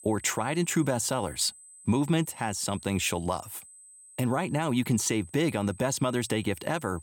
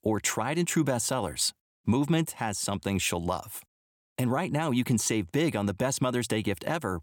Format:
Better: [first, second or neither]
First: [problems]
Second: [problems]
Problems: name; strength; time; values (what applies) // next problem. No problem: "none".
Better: second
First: high-pitched whine; noticeable; throughout; 8 kHz, 20 dB below the speech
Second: none